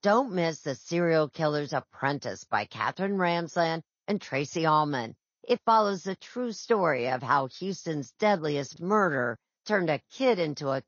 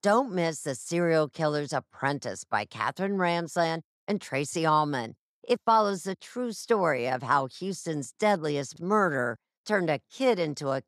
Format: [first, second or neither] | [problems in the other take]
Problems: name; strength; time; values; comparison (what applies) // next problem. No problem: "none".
second | garbled, watery; slightly; nothing above 6.5 kHz